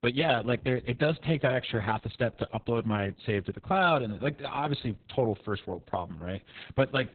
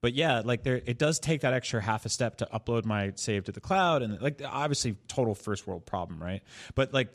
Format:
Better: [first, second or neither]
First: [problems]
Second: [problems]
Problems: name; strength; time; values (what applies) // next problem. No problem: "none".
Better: second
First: garbled, watery; badly; nothing above 4 kHz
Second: none